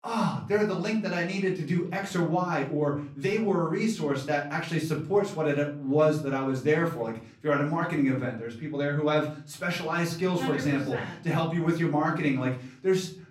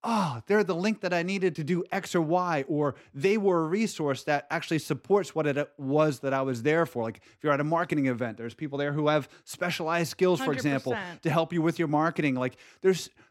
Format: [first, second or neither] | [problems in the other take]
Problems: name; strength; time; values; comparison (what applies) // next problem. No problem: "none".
second | off-mic speech; far // room echo; slight; dies away in 0.4 s